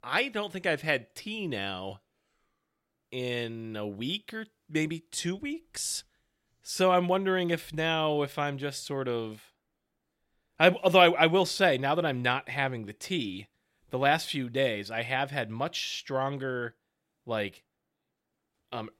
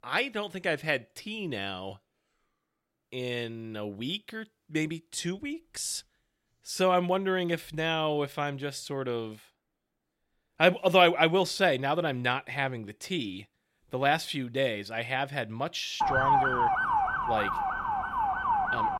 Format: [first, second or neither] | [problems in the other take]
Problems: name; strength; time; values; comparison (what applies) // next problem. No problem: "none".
first | siren; loud; from 16 s on; peak 5 dB above the speech